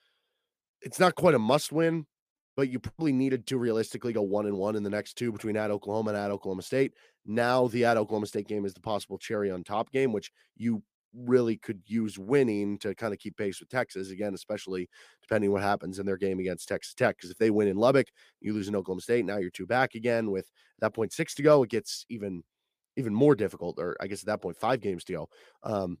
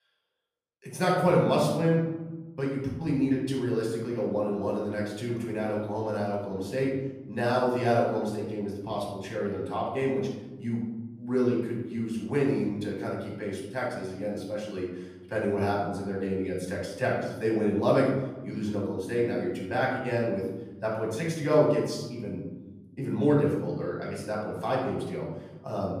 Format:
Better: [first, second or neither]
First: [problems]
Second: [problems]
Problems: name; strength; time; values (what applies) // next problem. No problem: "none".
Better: first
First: none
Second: off-mic speech; far // room echo; noticeable; dies away in 1.4 s